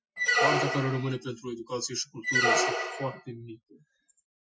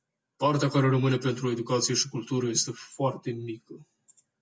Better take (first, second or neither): second